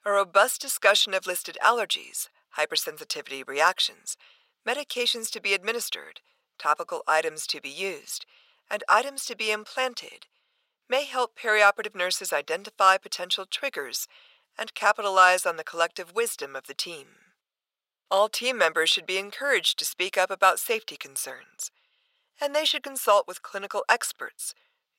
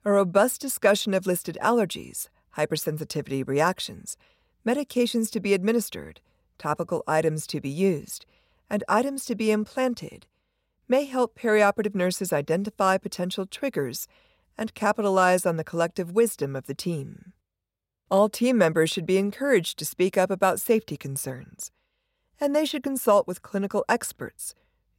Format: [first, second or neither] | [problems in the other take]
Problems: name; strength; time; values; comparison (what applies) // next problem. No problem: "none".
second | thin; very; fading below 700 Hz